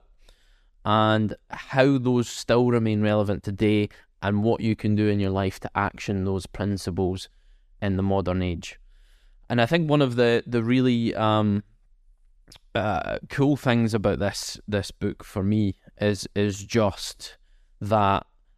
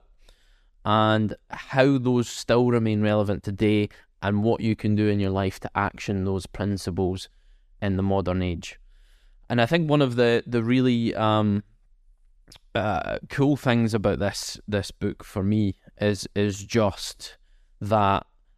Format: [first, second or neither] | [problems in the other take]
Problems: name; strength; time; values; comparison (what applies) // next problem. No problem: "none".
neither | none